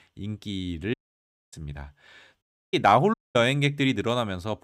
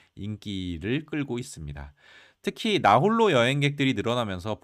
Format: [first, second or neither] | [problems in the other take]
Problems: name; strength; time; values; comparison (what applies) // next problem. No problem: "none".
second | audio cutting out; at 1 s for 0.5 s, at 2.5 s and at 3 s